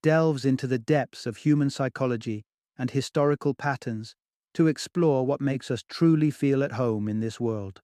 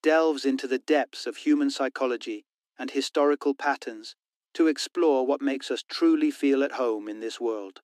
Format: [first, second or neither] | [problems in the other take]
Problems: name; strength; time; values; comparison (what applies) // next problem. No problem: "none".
first | thin; very slightly; fading below 250 Hz